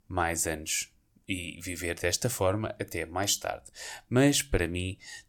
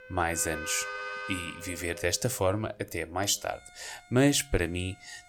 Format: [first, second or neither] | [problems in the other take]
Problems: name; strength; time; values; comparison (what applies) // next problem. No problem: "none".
first | background music; loud; throughout; 10 dB below the speech